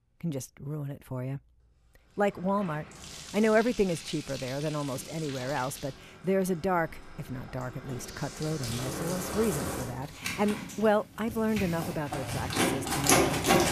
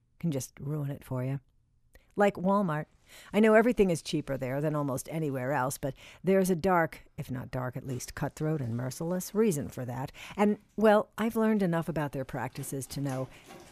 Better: second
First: household noises; loud; throughout; 1 dB below the speech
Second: household noises; faint; throughout; 30 dB below the speech

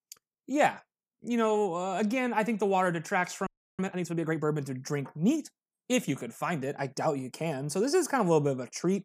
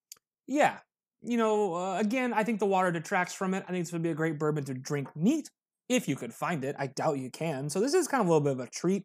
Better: second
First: audio freezing; at 3.5 s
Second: none

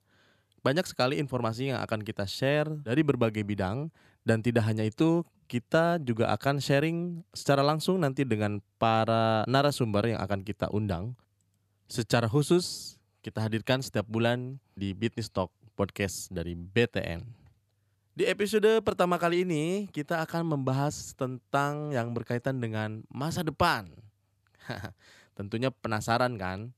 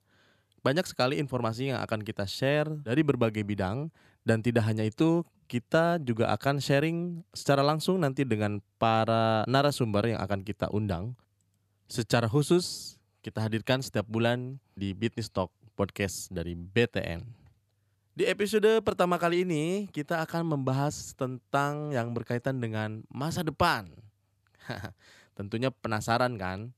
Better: neither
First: none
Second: none

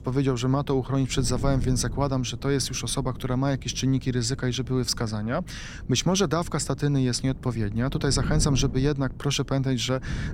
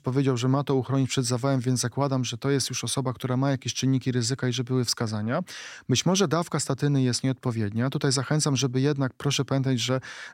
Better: second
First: wind noise on the microphone; occasional gusts; 20 dB below the speech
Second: none

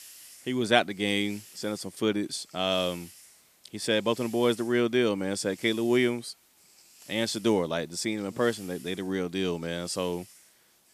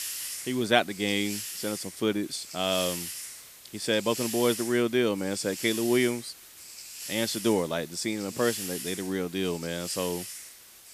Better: first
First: hiss; faint; throughout; 20 dB below the speech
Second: hiss; loud; throughout; 9 dB below the speech

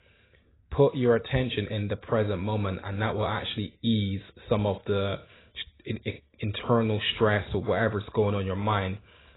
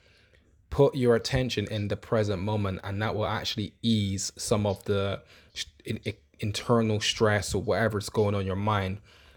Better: second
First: garbled, watery; badly; nothing above 4 kHz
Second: none

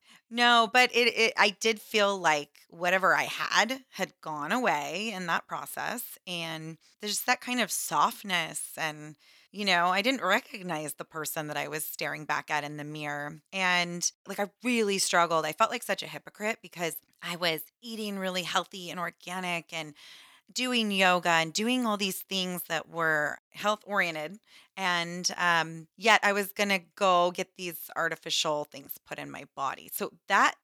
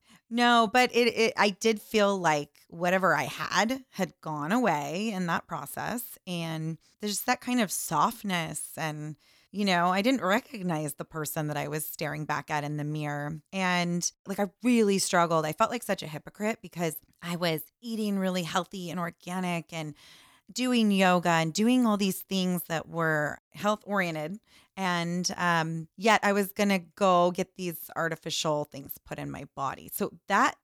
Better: second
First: thin; very slightly; fading below 400 Hz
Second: none

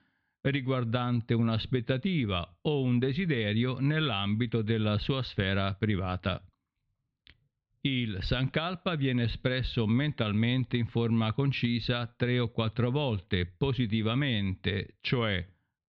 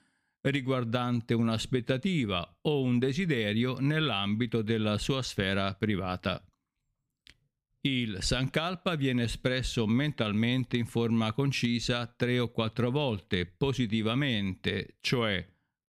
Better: second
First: muffled; very slightly; fading above 4 kHz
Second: none

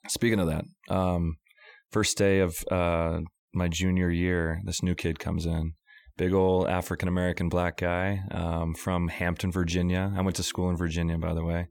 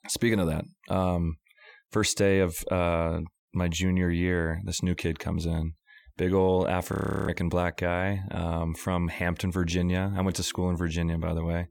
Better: first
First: none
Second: audio freezing; at 7 s

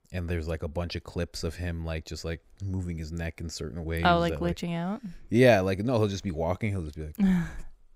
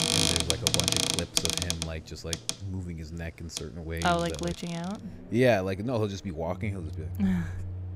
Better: first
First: none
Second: household noises; very loud; throughout; 2 dB above the speech

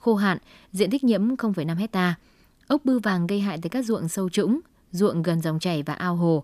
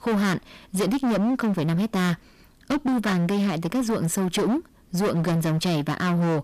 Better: first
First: none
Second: distortion; heavy; 30% of the sound clipped

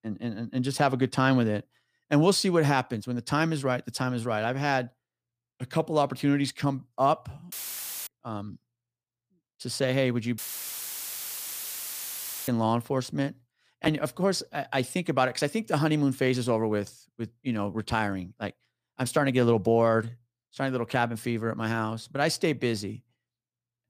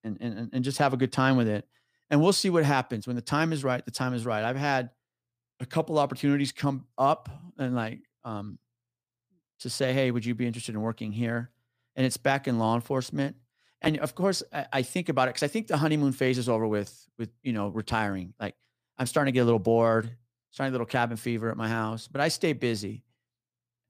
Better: second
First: audio cutting out; filled with static; at 7.5 s for 0.5 s and at 10 s for 2 s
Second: none

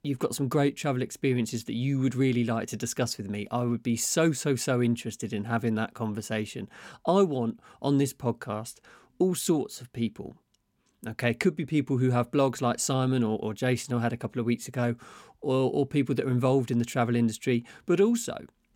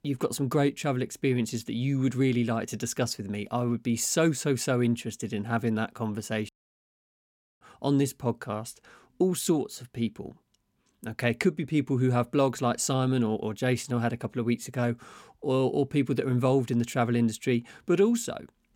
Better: first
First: none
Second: audio cutting out; at 6.5 s for 1 s

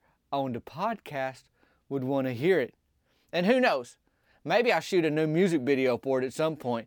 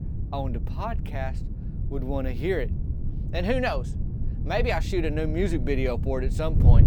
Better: first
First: none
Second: wind noise on the microphone; occasional gusts; 15 dB below the speech

